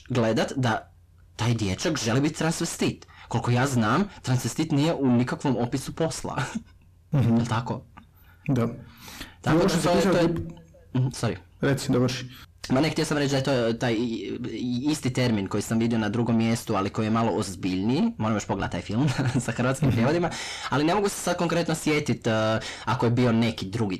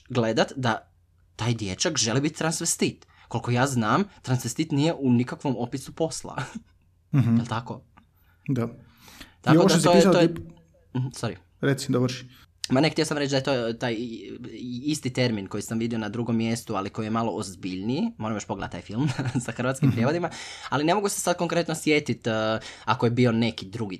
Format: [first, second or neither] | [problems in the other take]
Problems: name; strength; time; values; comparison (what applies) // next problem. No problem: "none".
second | distortion; heavy; 6 dB below the speech